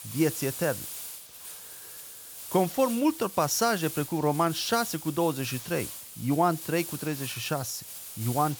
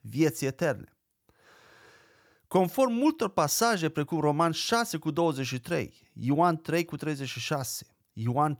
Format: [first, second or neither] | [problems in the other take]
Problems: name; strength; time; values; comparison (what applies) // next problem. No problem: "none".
second | hiss; loud; throughout; 9 dB below the speech